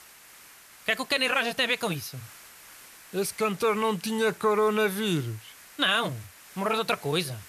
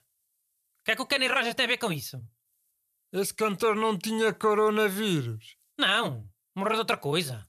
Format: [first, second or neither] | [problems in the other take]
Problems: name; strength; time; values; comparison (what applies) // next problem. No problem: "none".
second | hiss; faint; throughout; 20 dB below the speech